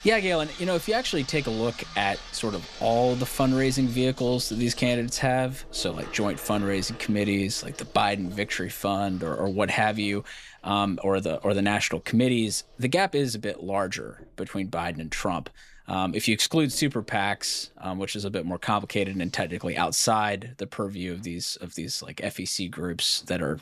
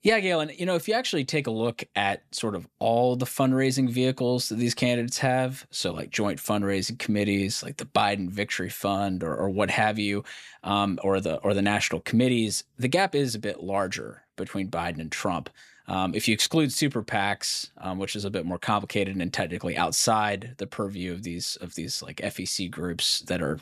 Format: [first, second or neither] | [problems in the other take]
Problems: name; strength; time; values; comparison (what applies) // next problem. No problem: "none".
second | household noises; noticeable; throughout; 15 dB below the speech